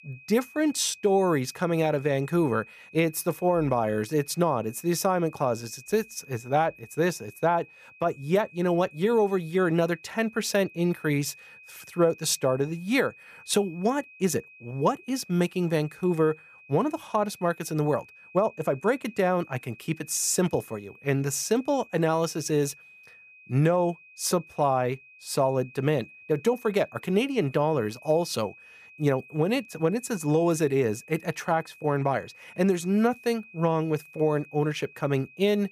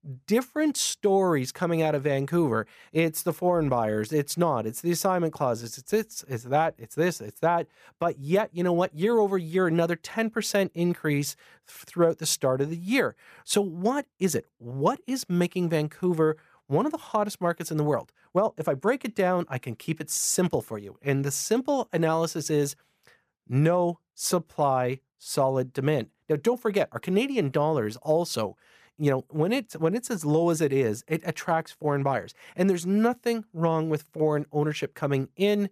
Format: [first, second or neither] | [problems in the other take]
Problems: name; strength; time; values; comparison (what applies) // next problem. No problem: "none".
second | high-pitched whine; faint; throughout; 2.5 kHz, 20 dB below the speech